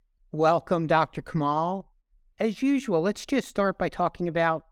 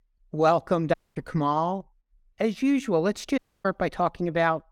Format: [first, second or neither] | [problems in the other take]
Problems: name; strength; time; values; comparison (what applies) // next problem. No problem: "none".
first | audio cutting out; at 1 s and at 3.5 s